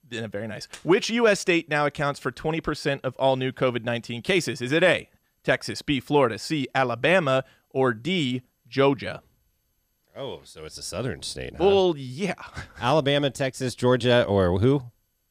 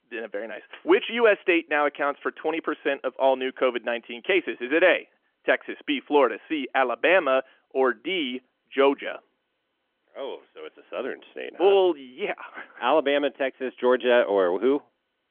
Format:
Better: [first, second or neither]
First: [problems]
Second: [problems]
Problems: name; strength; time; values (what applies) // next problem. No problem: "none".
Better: first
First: none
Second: phone-call audio; nothing above 3.5 kHz